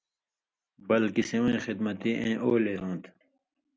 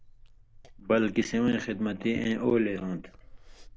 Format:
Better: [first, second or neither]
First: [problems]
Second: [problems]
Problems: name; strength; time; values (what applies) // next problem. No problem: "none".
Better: first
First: none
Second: background sound (Liquid); 19 dB below the speech